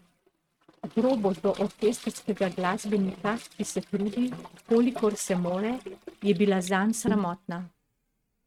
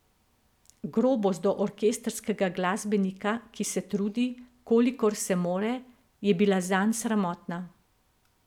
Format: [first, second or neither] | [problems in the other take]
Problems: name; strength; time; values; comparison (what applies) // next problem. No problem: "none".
second | noise reduction (neural mask model RNNoise)